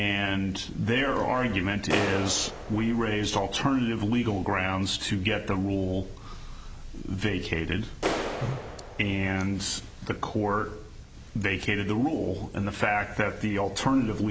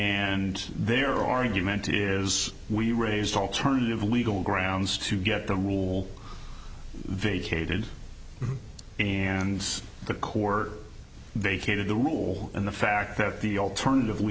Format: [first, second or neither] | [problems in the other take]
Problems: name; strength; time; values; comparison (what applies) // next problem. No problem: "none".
second | background sound (Clapping); 10 dB below the speech